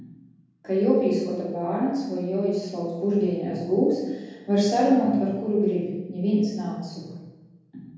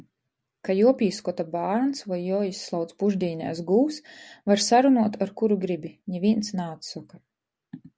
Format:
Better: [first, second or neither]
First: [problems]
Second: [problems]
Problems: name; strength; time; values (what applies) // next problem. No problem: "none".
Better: second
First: room echo; dies away in 1.3 s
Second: none